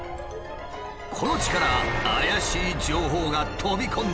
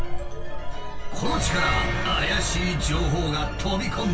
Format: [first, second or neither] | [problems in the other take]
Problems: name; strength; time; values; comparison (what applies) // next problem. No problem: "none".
first | room echo; dies away in 0.1 s